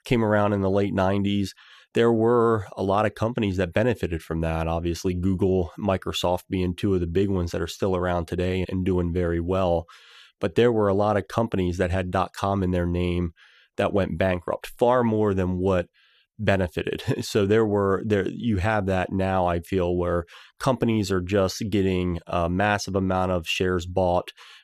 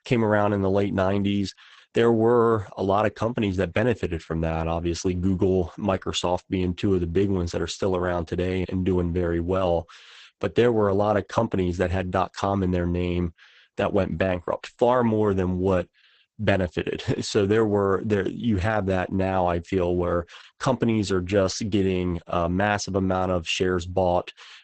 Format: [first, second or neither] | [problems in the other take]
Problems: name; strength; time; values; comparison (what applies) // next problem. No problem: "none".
first | garbled, watery; badly; nothing above 8 kHz